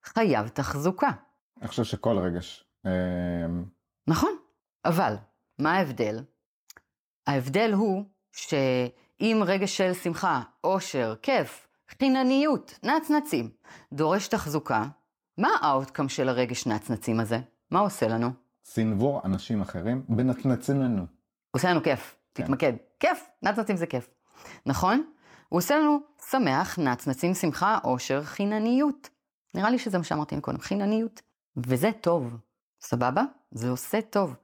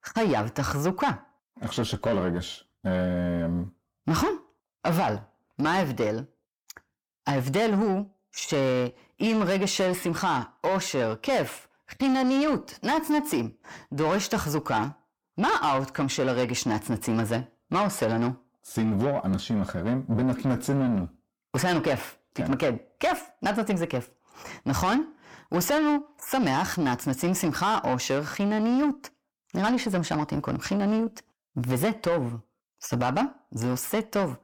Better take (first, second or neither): first